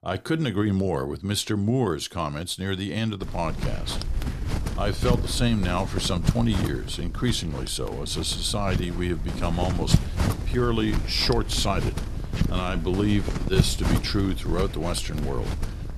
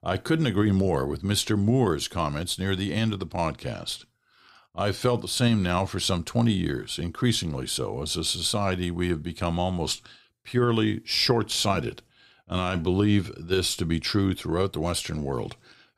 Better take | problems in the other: second | wind noise on the microphone; heavy; from 3 s on; 8 dB below the speech

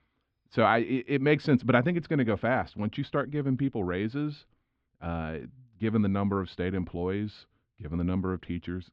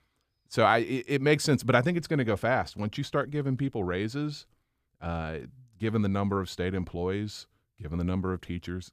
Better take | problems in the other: second | muffled; slightly; fading above 3.5 kHz

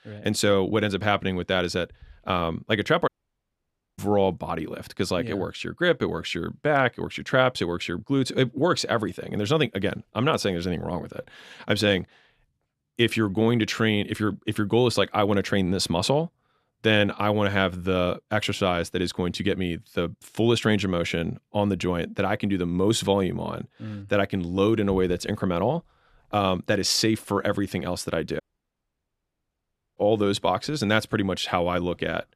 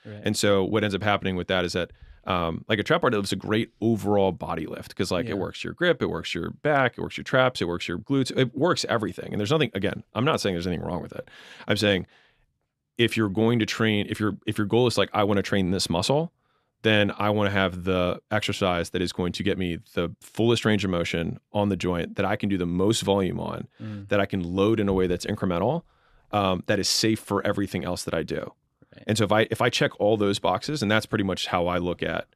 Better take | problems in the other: second | audio cutting out; at 3 s for 1 s and at 28 s for 1.5 s

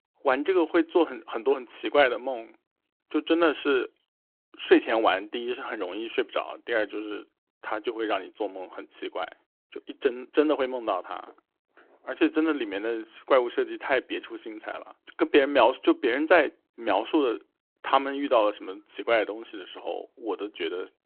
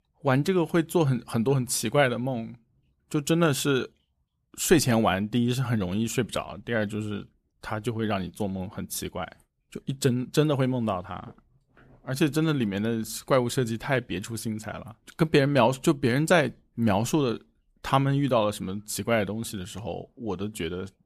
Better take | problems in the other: second | phone-call audio

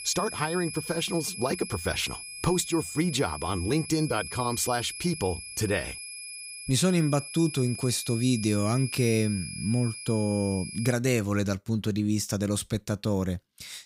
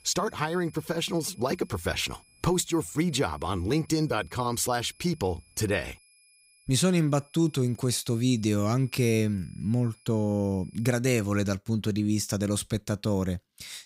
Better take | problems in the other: second | high-pitched whine; loud; until 11 s; 11 kHz, 9 dB below the speech; faint in the second

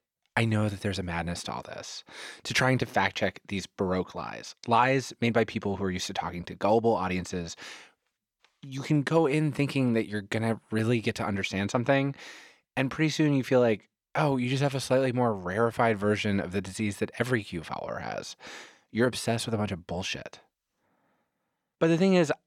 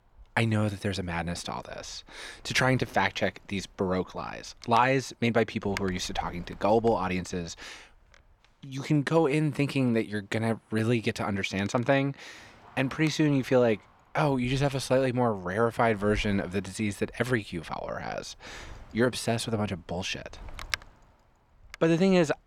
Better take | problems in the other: first | wind noise on the microphone; occasional gusts; 15 dB below the speech

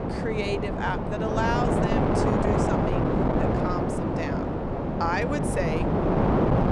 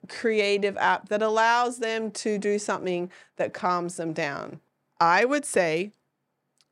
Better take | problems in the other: second | wind noise on the microphone; heavy; 3 dB above the speech

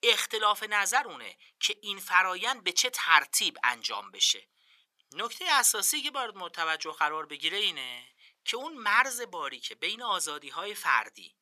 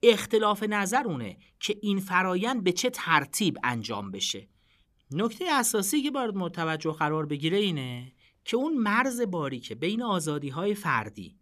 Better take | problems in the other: second | thin; very; fading below 1 kHz

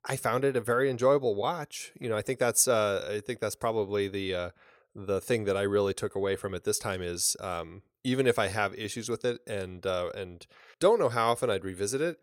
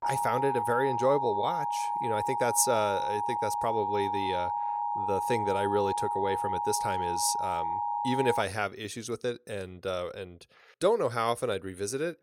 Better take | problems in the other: first | alarm; loud; until 8.5 s; peak level with the speech

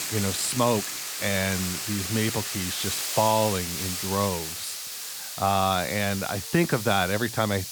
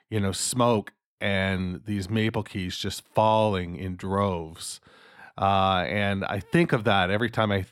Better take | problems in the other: second | hiss; loud; throughout; 4 dB below the speech

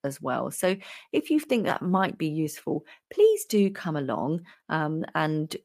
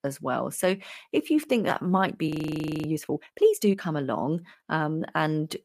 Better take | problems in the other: first | audio freezing; at 2.5 s for 0.5 s

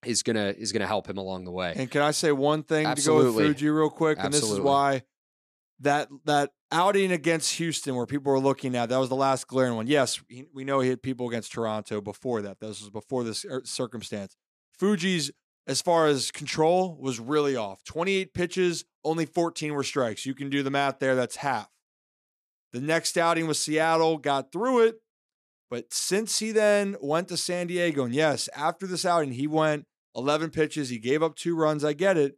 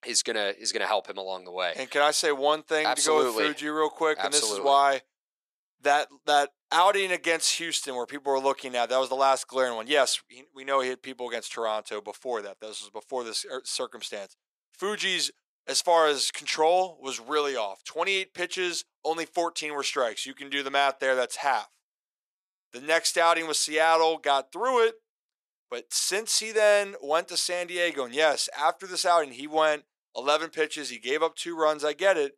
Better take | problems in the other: first | thin; very; fading below 650 Hz

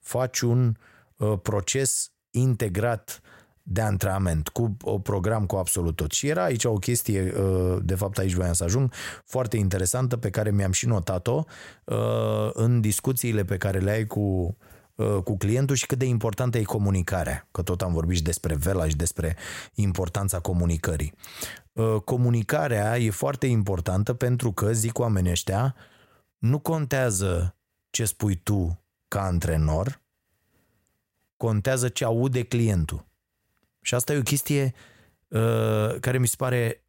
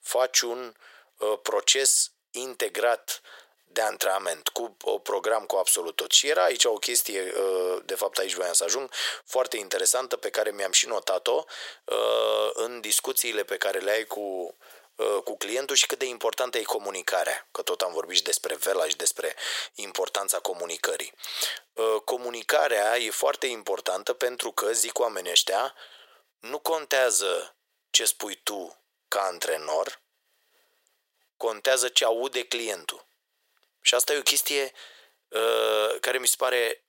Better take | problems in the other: first | thin; very; fading below 450 Hz

